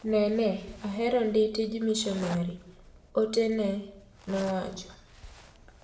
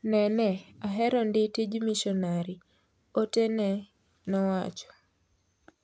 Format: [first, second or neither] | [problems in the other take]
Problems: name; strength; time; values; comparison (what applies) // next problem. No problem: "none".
second | background sound (Zipper (clothing)); 18 dB below the speech // room echo; dies away in 0.7 s